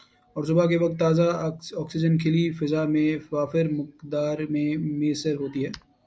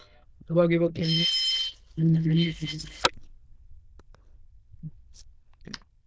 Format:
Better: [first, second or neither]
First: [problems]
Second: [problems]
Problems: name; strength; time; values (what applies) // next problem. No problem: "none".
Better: first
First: none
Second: noise reduction (neural diffusion model UNIVERSE++)